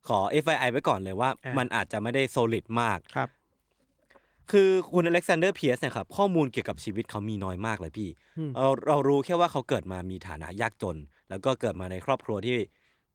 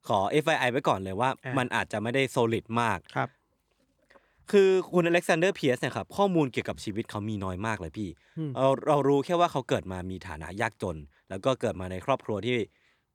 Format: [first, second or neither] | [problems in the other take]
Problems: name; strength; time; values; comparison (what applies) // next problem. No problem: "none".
second | garbled, watery; slightly; nothing above 18.5 kHz